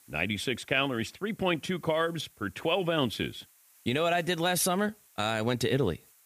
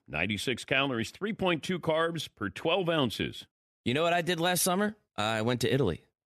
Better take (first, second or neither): second